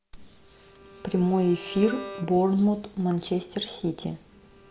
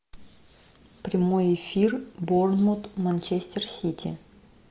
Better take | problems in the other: second | background sound (Bowed string instrument); 18 dB below the speech

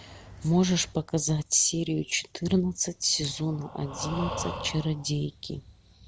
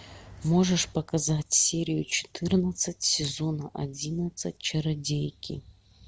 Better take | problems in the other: second | background sound (Breathing); 11 dB below the speech

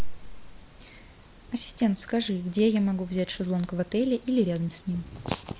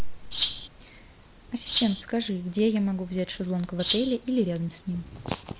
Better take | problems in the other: first | background sound (Rattle (instrument)); 2 dB below the speech

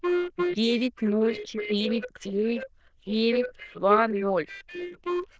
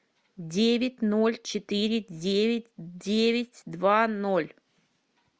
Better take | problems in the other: second | noise reduction (neural diffusion model UNIVERSE++)

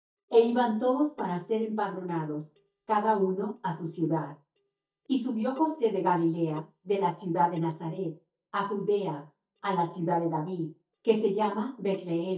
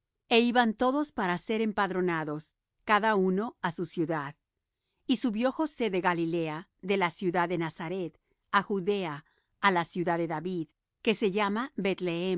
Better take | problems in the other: second | noise reduction (neural mask model DeepFilterNet 3)

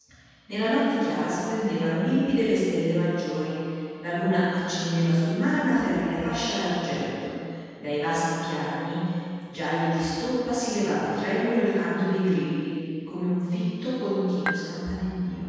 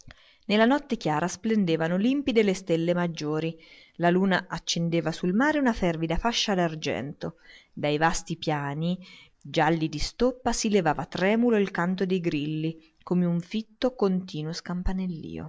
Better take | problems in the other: second | background sound (Dishes, pots, and pans / Chink, clink); 6 dB below the speech // room echo; dies away in 2.1 s

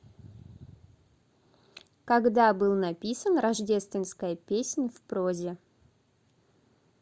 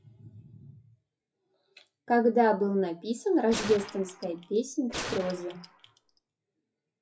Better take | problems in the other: first | noise reduction (classical method WPE with log-MMSE)

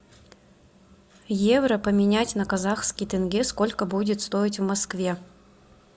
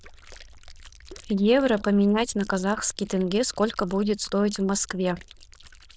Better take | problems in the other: first | noise reduction (neural diffusion model UNIVERSE++)

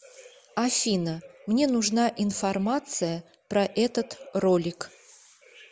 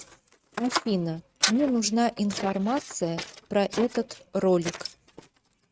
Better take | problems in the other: first | noise reduction (neural mask model RNNoise)

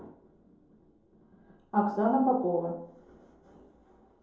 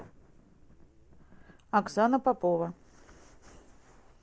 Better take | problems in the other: second | room echo; dies away in 2.6 s

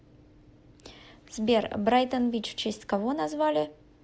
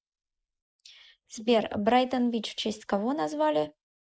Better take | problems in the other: first | noise reduction (neural mask model Resemble Enhance denoiser)

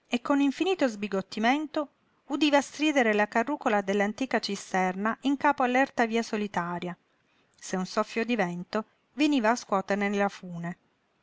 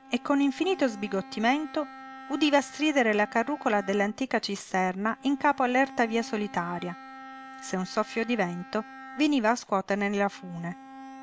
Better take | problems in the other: first | background sound (Bowed string instrument); 18 dB below the speech

